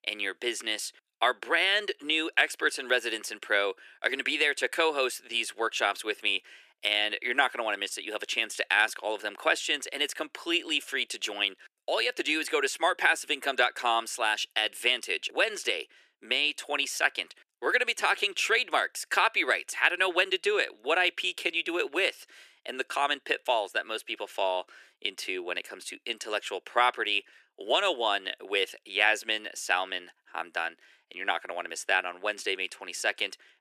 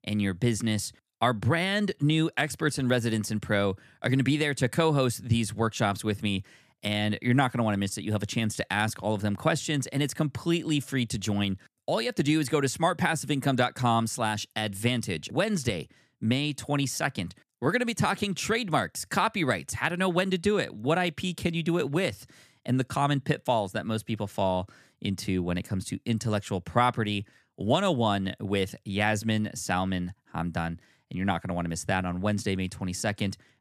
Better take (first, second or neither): second